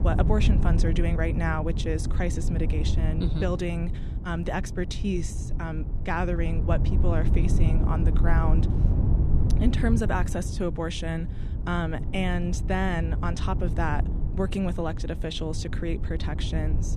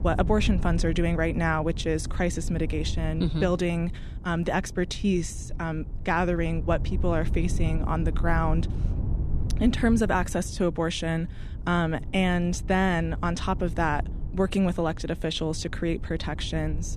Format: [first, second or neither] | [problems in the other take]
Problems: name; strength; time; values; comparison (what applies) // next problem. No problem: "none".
second | wind noise on the microphone; heavy; 8 dB below the speech; occasional gusts in the second